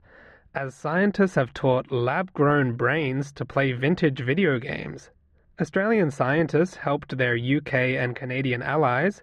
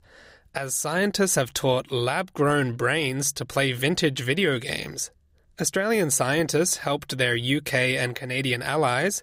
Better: second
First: muffled; very; fading above 1.5 kHz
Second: none

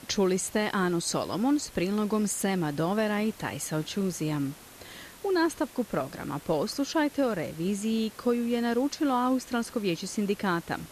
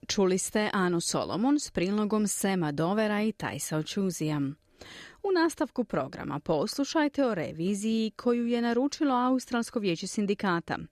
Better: second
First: hiss; noticeable; throughout; 20 dB below the speech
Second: none

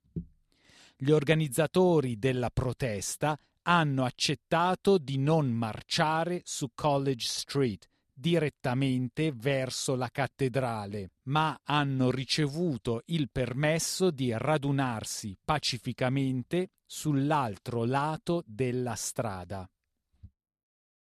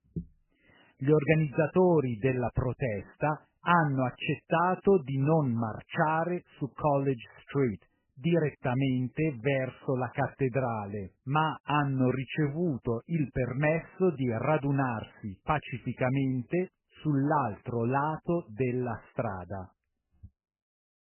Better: first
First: none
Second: garbled, watery; badly; nothing above 3 kHz

